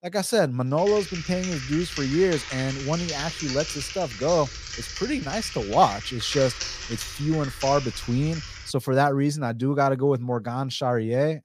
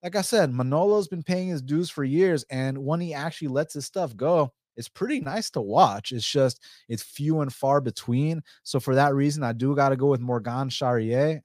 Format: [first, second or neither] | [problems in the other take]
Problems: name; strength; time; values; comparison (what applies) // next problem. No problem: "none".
second | keyboard typing; noticeable; from 1 to 8.5 s; peak 4 dB below the speech